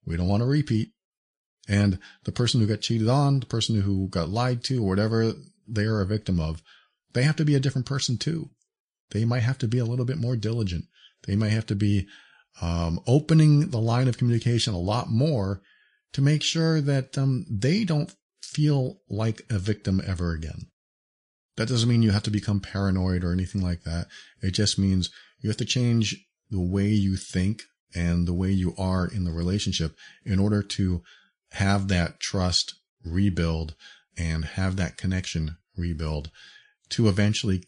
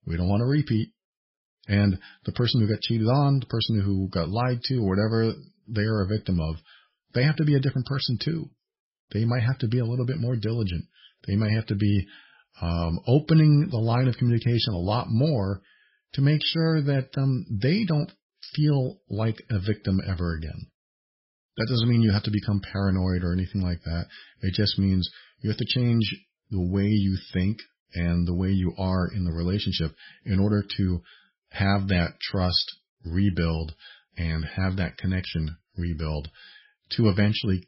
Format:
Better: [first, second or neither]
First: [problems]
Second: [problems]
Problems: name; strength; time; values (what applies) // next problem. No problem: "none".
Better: first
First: garbled, watery; slightly; nothing above 10 kHz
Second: garbled, watery; badly; nothing above 5 kHz